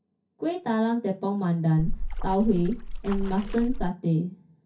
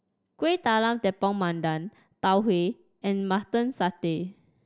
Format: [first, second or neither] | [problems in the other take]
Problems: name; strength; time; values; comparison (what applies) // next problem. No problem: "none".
second | background sound (Splash, splatter); 2 dB below the speech // room echo; dies away in 0.3 s